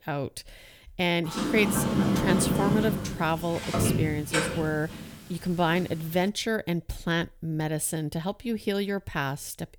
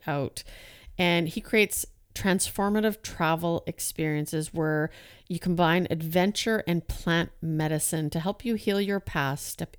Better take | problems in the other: second | door banging; loud; from 1.5 to 6 s; peak 4 dB above the speech

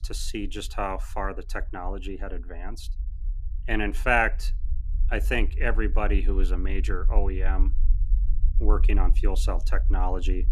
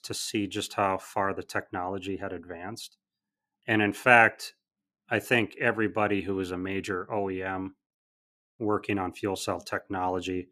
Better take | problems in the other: second | low rumble; faint; throughout; 25 dB below the speech

